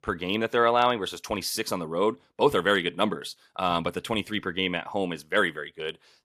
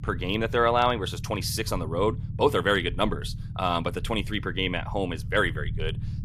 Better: first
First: none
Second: low rumble; faint; throughout; 20 dB below the speech

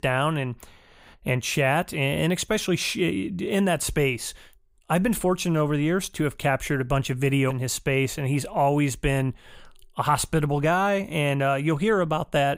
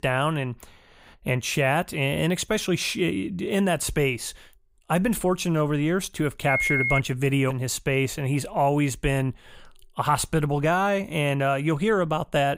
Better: first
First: none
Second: phone ringing; loud; at 6.5 s; peak 2 dB above the speech

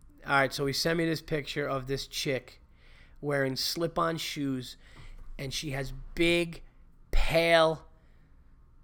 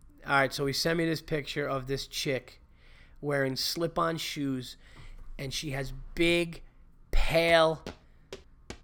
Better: first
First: none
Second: footsteps; faint; from 7.5 s on; peak 15 dB below the speech

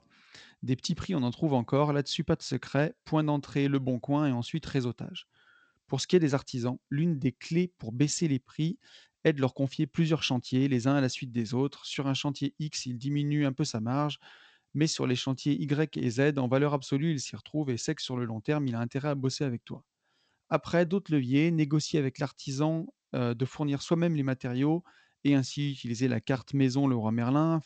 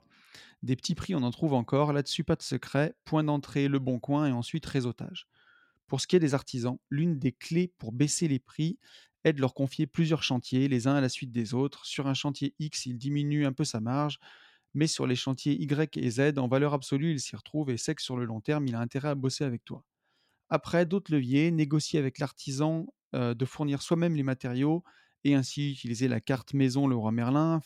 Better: second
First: garbled, watery; slightly; nothing above 8 kHz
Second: none

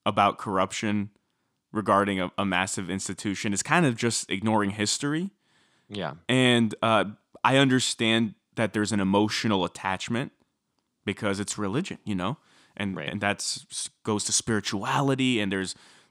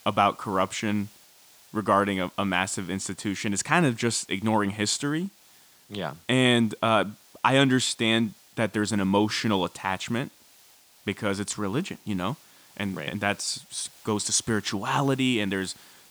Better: first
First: none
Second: hiss; faint; throughout; 25 dB below the speech

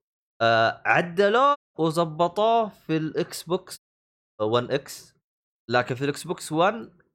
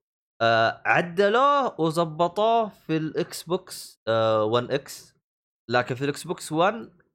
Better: second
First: audio cutting out; at 1.5 s and at 4 s for 0.5 s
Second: none

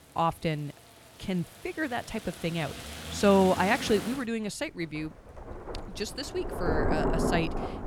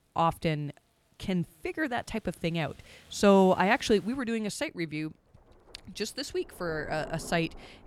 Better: second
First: rain or running water; loud; throughout; 5 dB below the speech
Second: rain or running water; faint; throughout; 25 dB below the speech

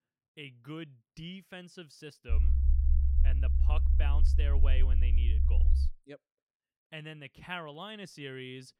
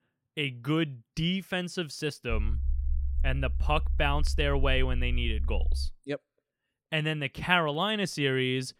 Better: second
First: low rumble; loud; from 2.5 to 6 s; 5 dB below the speech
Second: low rumble; faint; from 2.5 to 6 s; 25 dB below the speech

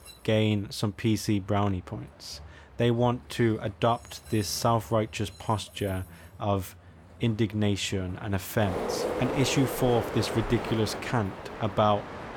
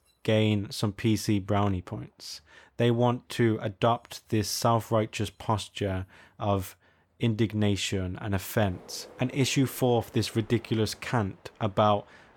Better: second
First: train or aircraft noise; loud; throughout; 8 dB below the speech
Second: train or aircraft noise; faint; throughout; 25 dB below the speech

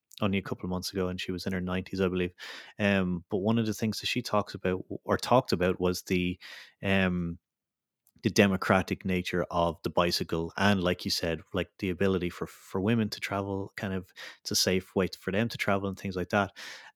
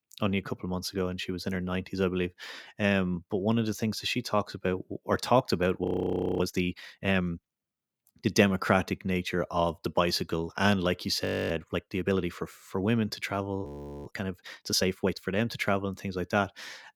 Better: first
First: none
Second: audio freezing; at 6 s for 0.5 s, at 11 s and at 14 s

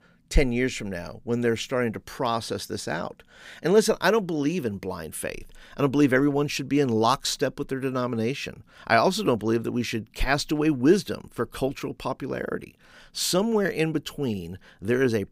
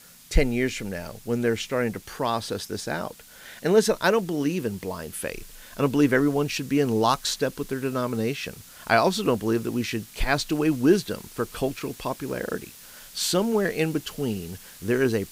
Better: first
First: none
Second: hiss; noticeable; throughout; 20 dB below the speech

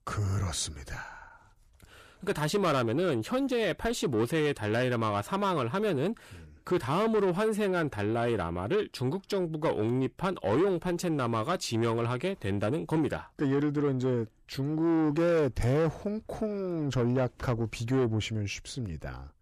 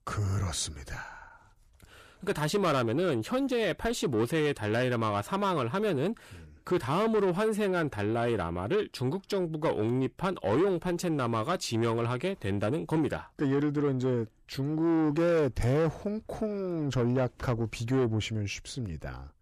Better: neither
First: distortion; slight; 10 dB below the speech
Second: distortion; slight; 10 dB below the speech

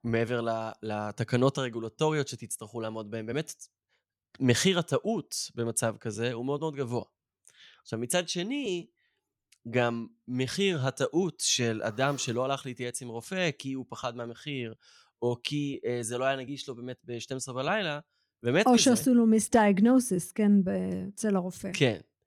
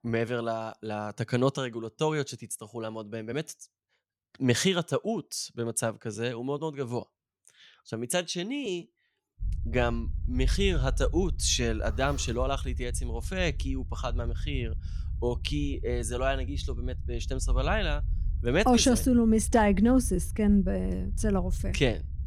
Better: first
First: none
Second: low rumble; faint; from 9.5 s on; 25 dB below the speech

